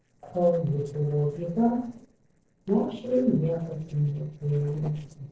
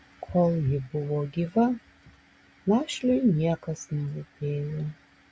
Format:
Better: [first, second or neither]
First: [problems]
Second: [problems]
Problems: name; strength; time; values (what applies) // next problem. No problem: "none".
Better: second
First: noise reduction (neural separator model SepFormer DNS4)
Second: none